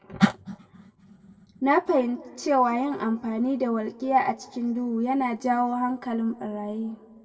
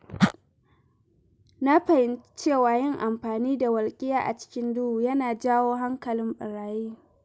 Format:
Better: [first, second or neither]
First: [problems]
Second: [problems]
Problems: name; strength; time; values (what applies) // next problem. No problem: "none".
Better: second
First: room echo; dies away in 1.2 s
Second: none